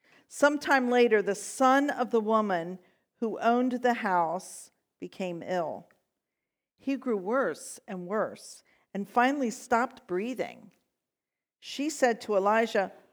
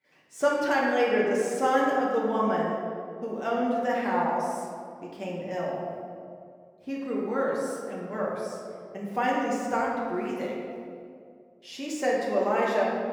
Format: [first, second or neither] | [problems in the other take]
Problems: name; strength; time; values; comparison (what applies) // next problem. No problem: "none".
first | room echo; noticeable; dies away in 2 s // off-mic speech; far